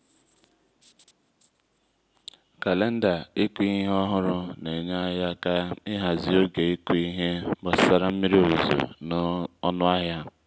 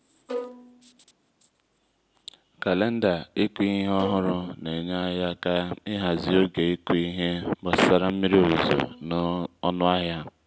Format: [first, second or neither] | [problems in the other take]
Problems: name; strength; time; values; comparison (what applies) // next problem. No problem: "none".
first | background sound (Bowed string instrument); 11 dB below the speech